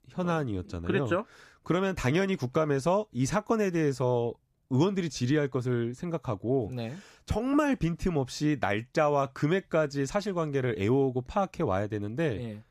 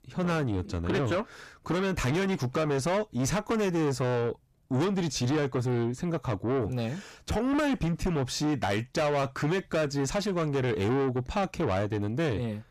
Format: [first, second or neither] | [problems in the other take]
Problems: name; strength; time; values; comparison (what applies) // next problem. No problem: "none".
first | distortion; heavy; 7 dB below the speech